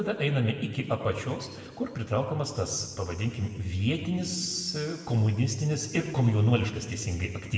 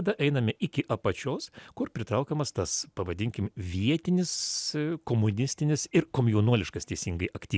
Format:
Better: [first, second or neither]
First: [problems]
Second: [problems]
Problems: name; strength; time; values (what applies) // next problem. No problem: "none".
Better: second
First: room echo; dies away in 1.8 s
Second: none